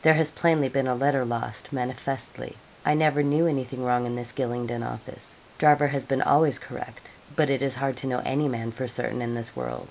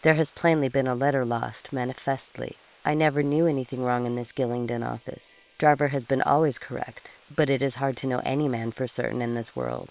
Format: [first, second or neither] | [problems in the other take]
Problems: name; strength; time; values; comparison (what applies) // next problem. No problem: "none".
first | noise reduction (neural separator model SepFormer WHAM!)